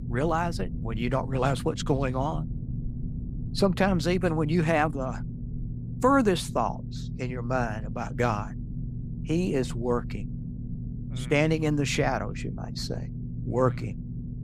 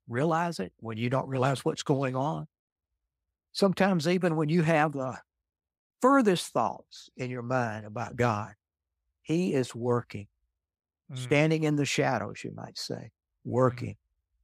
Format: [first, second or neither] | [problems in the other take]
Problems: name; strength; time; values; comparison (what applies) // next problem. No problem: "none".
second | low rumble; noticeable; throughout; 15 dB below the speech